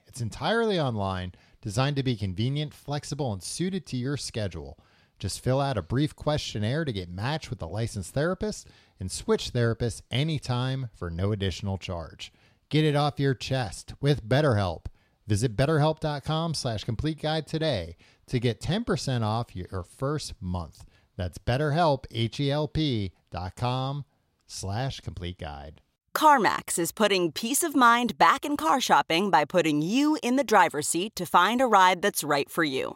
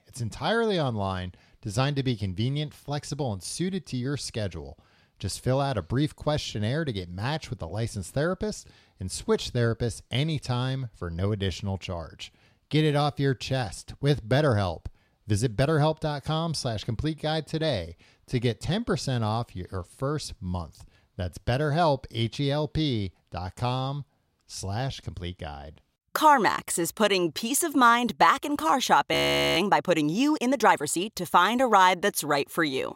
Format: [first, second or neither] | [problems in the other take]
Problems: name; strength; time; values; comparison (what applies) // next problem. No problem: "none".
first | audio freezing; at 29 s